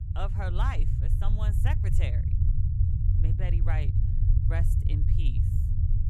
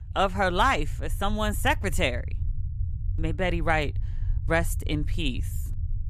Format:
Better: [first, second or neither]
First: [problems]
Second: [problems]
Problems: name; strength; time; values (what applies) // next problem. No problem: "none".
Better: second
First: low rumble; loud; throughout; 3 dB below the speech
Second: low rumble; faint; throughout; 25 dB below the speech